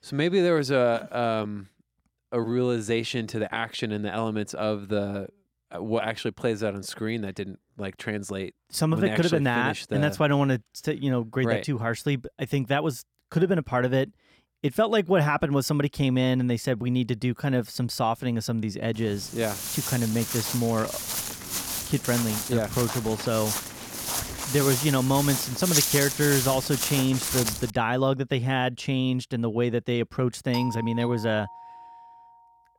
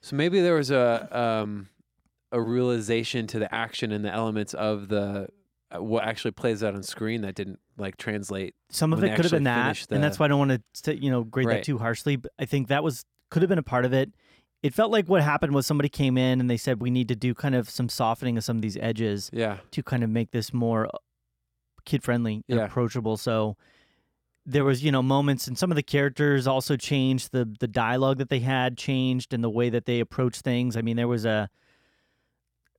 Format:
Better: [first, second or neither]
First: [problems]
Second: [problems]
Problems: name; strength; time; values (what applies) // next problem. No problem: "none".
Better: second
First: footsteps; loud; from 19 to 28 s; peak 5 dB above the speech // doorbell; noticeable; from 31 to 32 s; peak 8 dB below the speech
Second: none